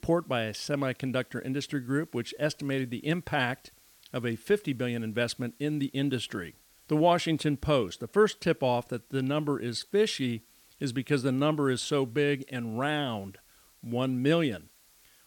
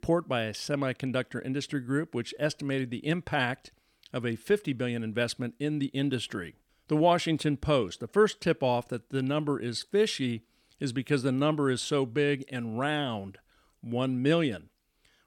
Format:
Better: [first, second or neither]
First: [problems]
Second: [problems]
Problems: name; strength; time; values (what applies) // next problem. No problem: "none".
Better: second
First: hiss; faint; throughout; 30 dB below the speech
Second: none